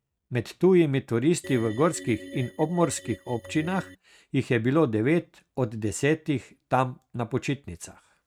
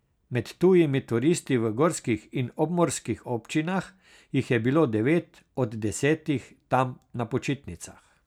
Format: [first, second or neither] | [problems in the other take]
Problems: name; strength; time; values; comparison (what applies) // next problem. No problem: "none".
second | noise reduction (neural mask model RNNoise)